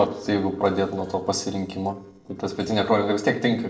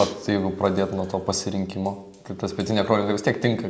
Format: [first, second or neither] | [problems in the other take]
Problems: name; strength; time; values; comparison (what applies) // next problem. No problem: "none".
second | noise reduction (neural separator model SepFormer DNS4)